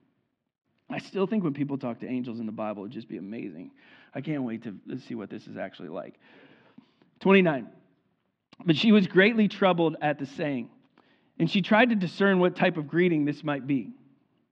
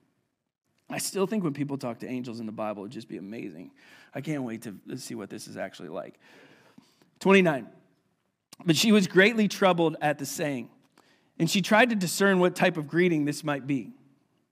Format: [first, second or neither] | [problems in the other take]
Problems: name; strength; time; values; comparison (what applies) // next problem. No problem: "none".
second | muffled; slightly; fading above 3.5 kHz